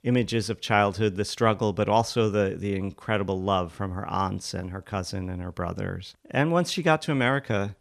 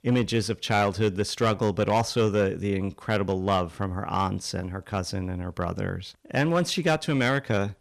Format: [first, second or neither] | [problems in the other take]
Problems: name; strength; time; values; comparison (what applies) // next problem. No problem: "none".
first | distortion; slight; 4% of the sound clipped